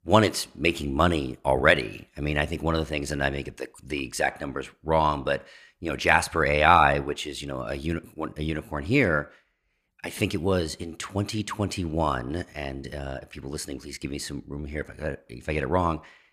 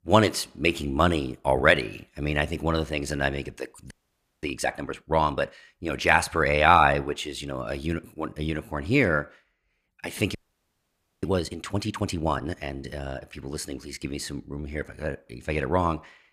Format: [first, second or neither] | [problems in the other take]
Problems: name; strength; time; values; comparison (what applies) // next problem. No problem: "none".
first | audio freezing; at 4 s for 0.5 s and at 10 s for 1 s